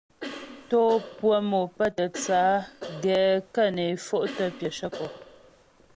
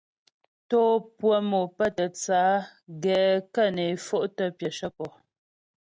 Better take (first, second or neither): second